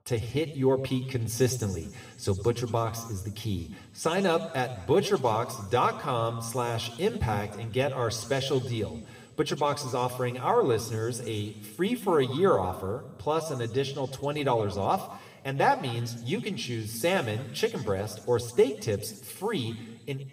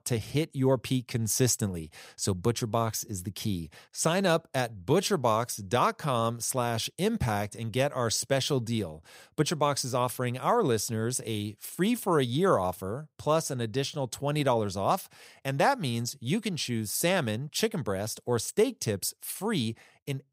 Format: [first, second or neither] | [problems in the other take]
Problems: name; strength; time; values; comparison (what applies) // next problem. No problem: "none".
second | room echo; slight; dies away in 1.8 s